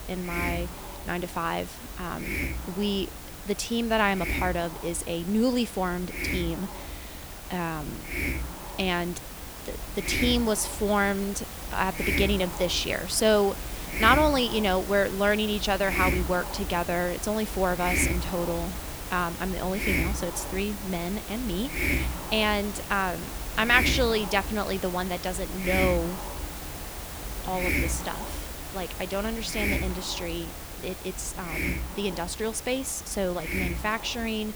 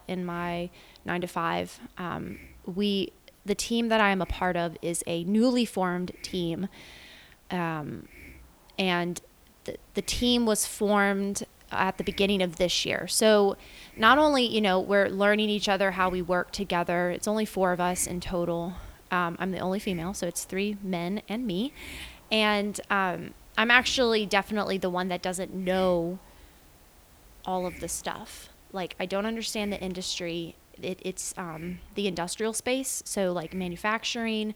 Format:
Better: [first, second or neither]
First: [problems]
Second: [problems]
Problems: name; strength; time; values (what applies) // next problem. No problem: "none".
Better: second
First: hiss; loud; throughout; 5 dB below the speech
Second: hiss; faint; throughout; 25 dB below the speech